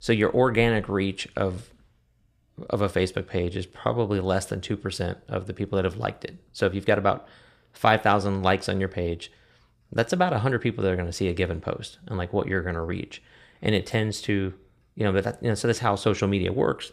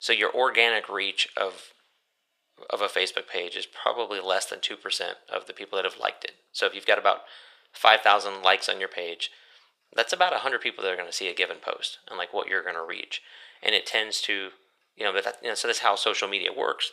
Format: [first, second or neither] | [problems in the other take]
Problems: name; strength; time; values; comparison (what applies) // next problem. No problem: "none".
first | thin; very; fading below 550 Hz